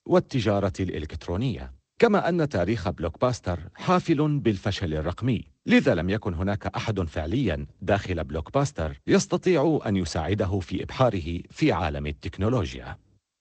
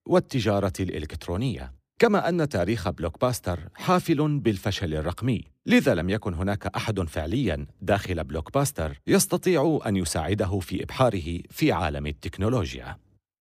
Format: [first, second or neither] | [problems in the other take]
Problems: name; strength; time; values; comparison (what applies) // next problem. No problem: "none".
second | garbled, watery; slightly; nothing above 8 kHz